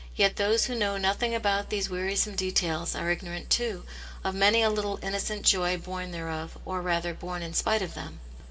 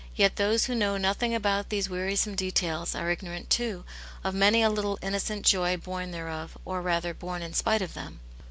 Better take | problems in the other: second | room echo; dies away in 2.3 s

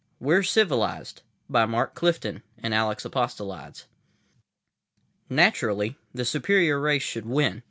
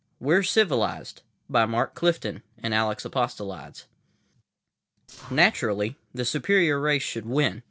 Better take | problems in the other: first | noise reduction (neural separator model SepFormer DNS4)

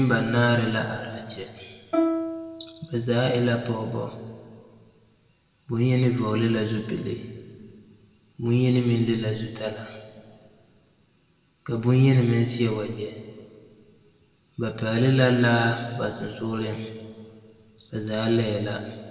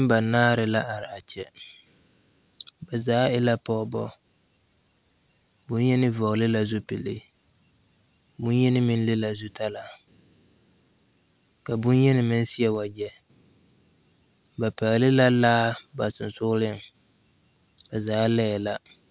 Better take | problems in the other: second | background sound (Plucked string instrument); 3 dB below the speech // room echo; dies away in 1.7 s

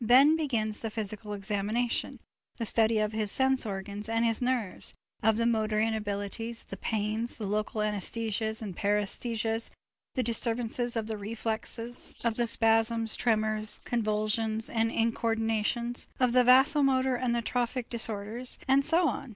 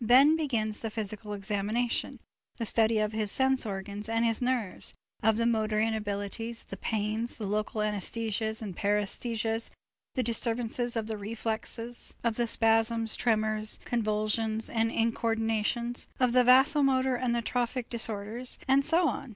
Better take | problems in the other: second | noise reduction (neural mask model Resemble Enhance denoiser)

